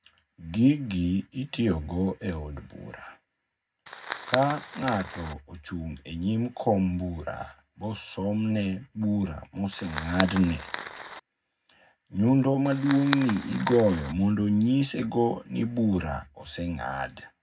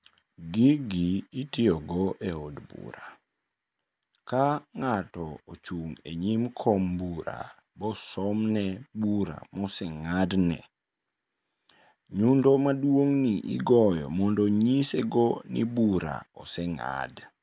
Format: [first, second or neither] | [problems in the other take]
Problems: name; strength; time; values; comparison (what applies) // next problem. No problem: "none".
second | background sound (Fire); 8 dB below the speech // room echo; dies away in 0.3 s